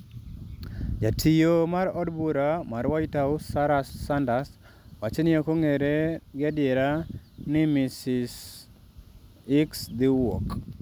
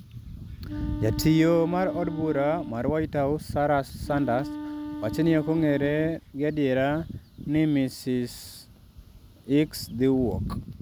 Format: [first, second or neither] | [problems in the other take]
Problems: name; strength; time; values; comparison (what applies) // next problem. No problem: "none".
first | background sound (Wind instrument, woodwind instrument); 10 dB below the speech